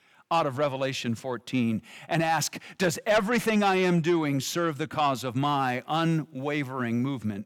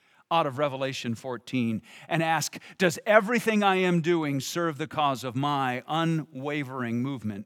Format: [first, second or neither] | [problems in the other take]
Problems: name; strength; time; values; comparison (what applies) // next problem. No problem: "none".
second | distortion; slight; 10 dB below the speech